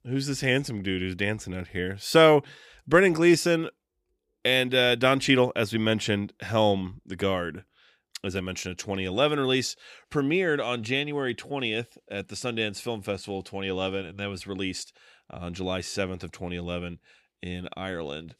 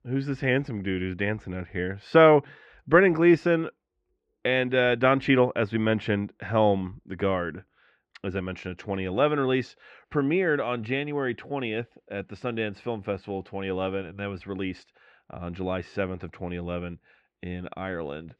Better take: first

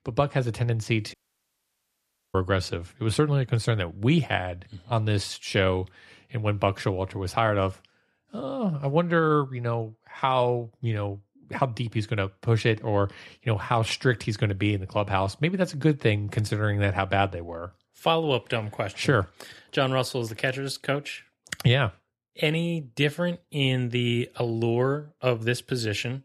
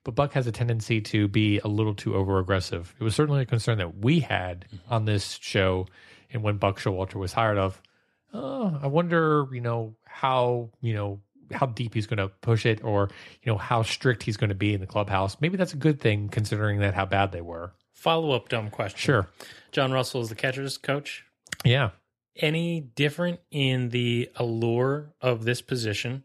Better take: second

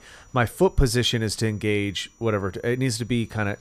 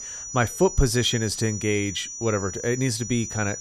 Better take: first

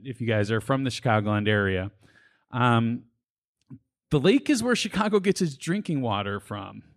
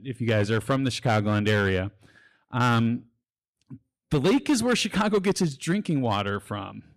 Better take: first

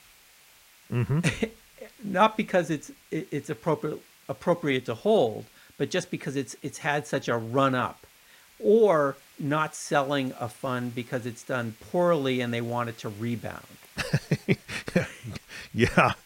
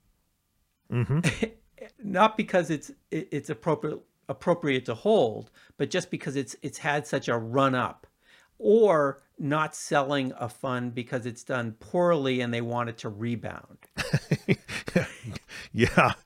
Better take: second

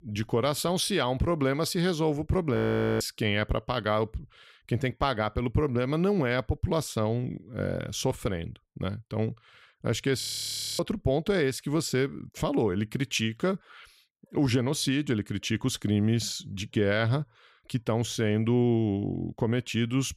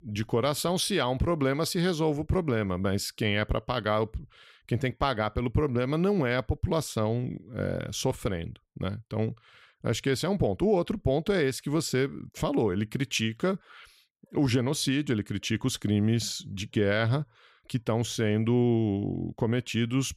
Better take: second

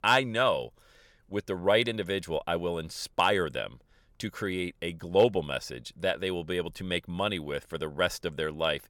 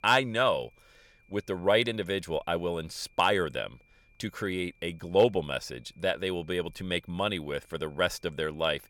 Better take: first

